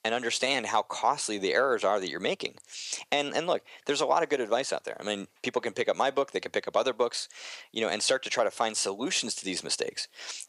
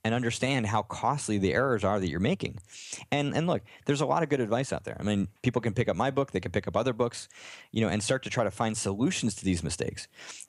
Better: second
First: thin; somewhat; fading below 500 Hz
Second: none

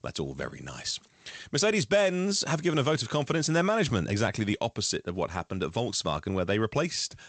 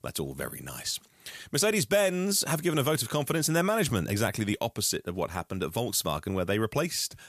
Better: second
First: garbled, watery; slightly; nothing above 8 kHz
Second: none

